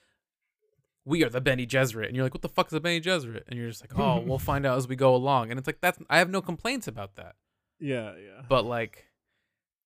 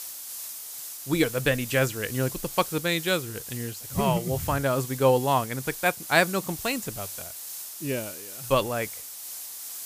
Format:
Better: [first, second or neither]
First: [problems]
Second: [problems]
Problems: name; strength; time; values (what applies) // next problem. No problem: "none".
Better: first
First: none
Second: hiss; loud; throughout; 9 dB below the speech